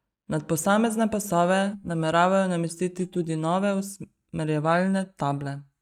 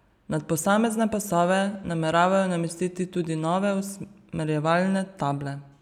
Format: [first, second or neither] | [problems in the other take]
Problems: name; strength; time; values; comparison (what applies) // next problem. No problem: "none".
second | noise reduction (neural mask model DeepFilterNet 3)